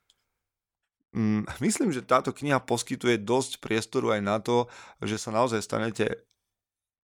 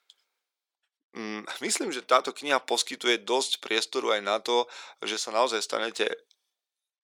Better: first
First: none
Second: thin; somewhat; fading below 400 Hz

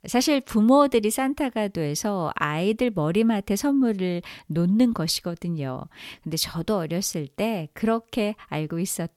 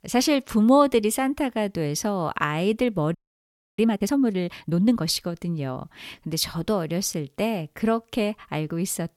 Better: first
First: none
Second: audio freezing; at 3 s for 0.5 s

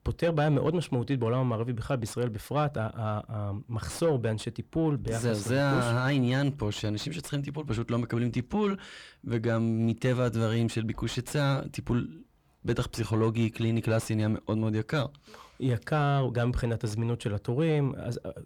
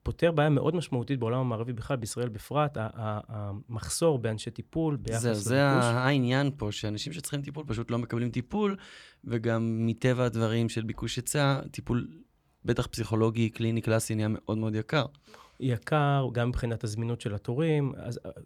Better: second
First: distortion; slight; 10 dB below the speech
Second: none

